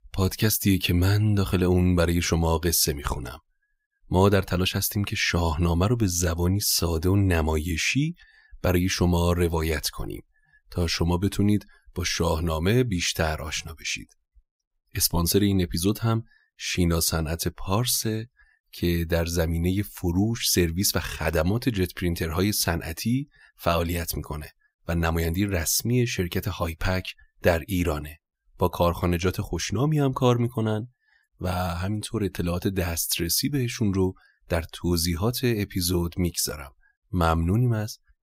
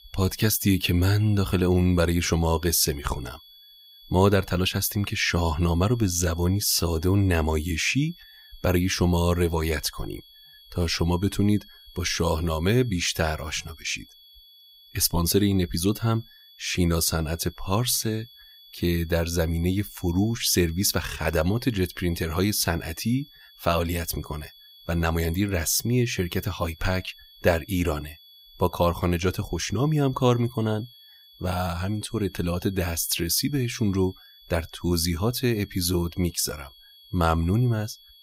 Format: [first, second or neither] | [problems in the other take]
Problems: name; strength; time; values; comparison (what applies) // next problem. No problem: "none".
first | high-pitched whine; faint; throughout; 3.5 kHz, 25 dB below the speech